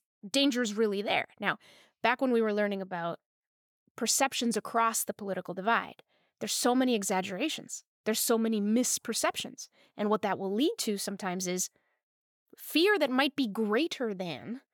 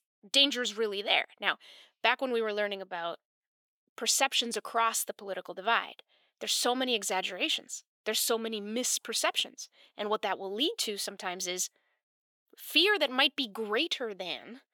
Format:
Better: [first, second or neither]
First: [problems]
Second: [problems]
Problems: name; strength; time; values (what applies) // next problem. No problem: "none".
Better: first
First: none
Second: thin; somewhat; fading below 350 Hz